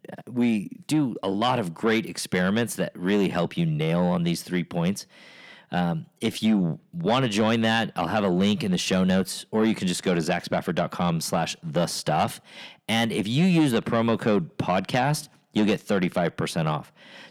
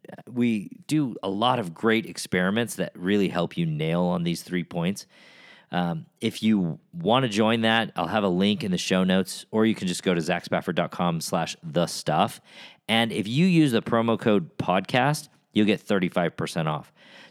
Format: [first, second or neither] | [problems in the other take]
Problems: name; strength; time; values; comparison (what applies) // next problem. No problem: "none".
second | distortion; slight; 10 dB below the speech